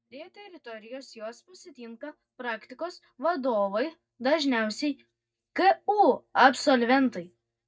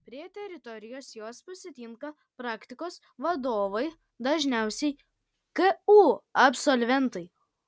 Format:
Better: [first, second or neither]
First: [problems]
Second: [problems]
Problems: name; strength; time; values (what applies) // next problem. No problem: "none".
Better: second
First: noise reduction (neural mask model DeepFilterNet 3)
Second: none